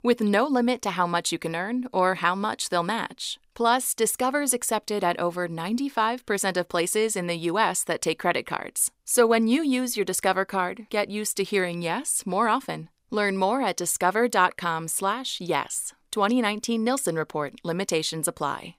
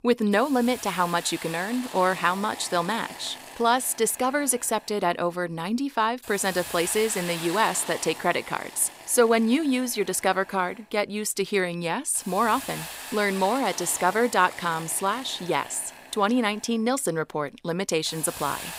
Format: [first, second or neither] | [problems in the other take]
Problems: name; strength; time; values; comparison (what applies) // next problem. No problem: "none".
first | hiss; noticeable; throughout; 15 dB below the speech